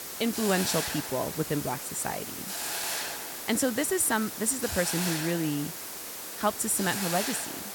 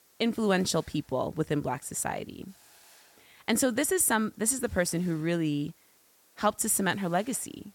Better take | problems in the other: second | hiss; loud; throughout; 4 dB below the speech; faint in the second

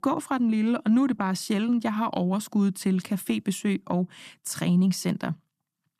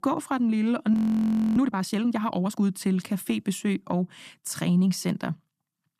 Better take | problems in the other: first | audio freezing; at 1 s for 0.5 s

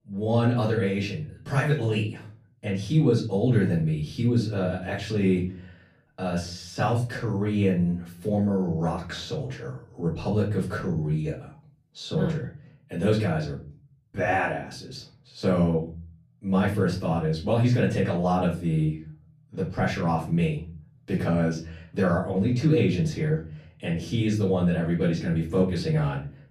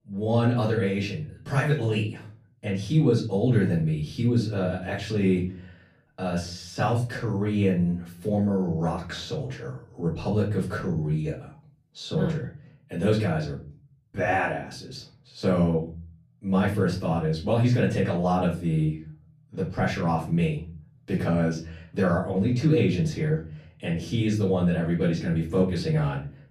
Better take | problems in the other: neither | off-mic speech; far; the same in both // room echo; slight; dies away in 0.4 s; the same in both

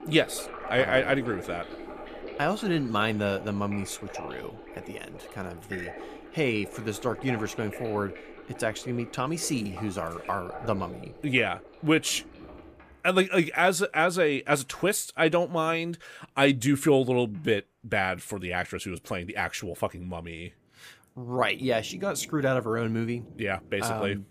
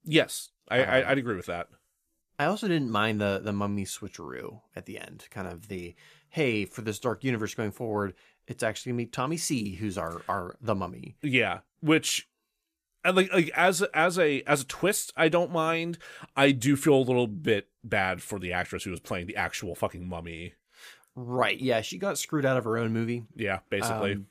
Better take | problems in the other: second | rain or running water; noticeable; throughout; 15 dB below the speech

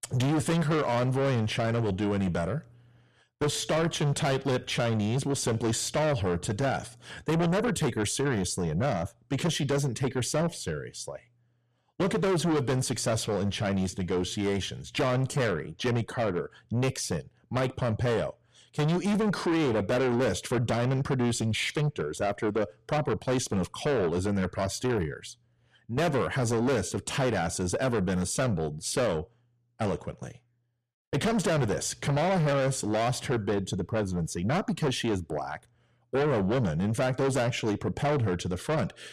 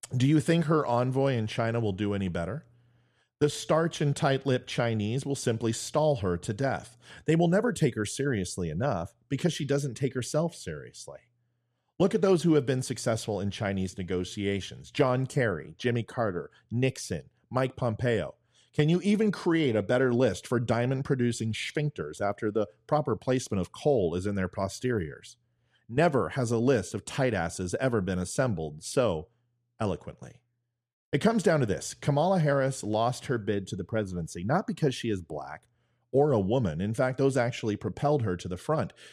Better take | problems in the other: second | distortion; heavy; 6 dB below the speech

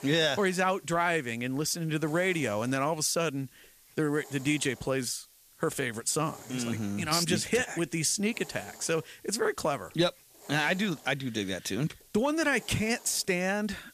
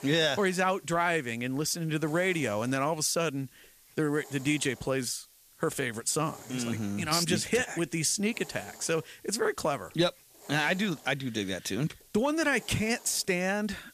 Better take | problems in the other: neither | hiss; faint; throughout; 20 dB below the speech; the same in both

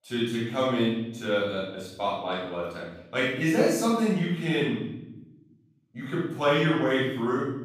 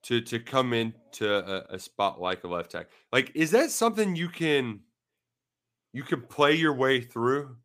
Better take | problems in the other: second | room echo; strong; dies away in 1 s // off-mic speech; far

